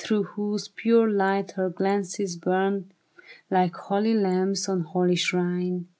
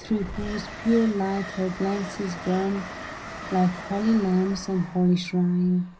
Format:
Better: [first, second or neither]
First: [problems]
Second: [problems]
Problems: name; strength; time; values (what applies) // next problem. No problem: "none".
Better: first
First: none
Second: background sound (Train); 13 dB below the speech // room echo; dies away in 0.5 s